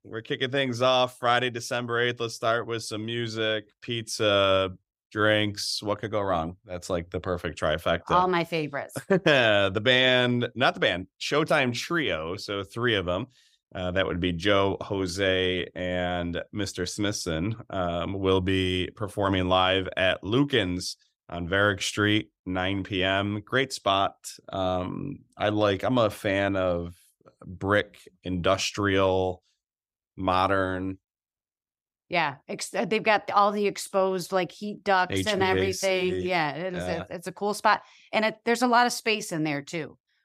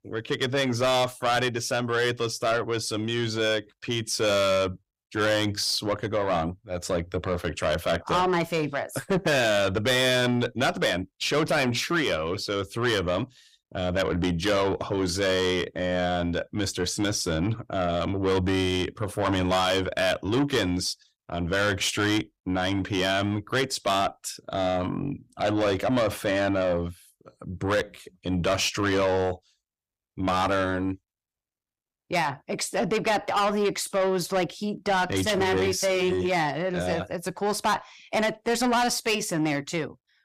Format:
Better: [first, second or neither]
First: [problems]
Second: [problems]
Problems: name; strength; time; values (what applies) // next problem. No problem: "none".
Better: first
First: none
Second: distortion; heavy; 7 dB below the speech